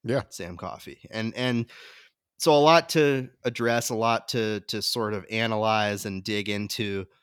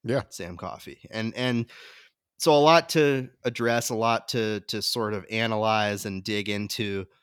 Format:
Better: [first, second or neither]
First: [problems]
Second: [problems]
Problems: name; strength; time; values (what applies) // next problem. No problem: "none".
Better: neither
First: none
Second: none